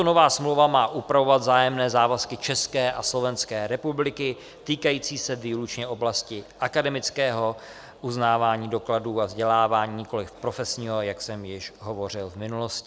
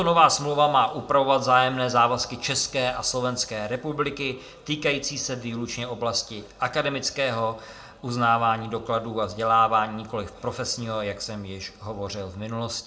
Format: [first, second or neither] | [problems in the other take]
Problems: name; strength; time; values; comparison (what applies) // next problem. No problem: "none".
first | room echo; dies away in 0.3 s